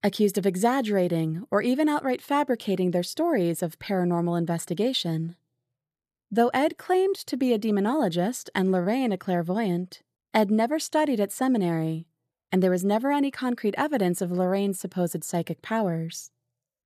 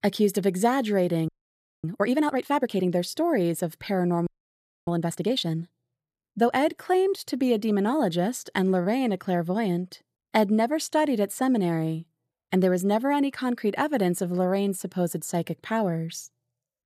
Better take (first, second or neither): first